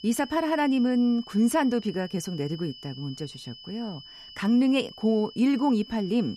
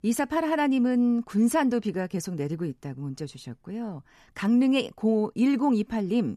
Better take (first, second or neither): second